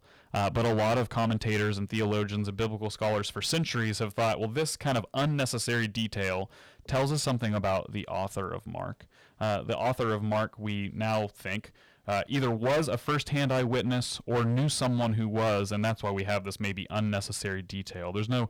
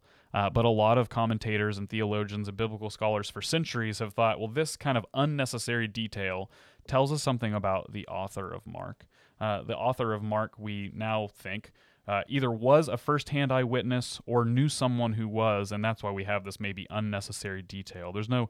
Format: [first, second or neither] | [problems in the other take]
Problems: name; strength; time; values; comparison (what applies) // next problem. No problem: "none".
second | distortion; heavy; 12% of the sound clipped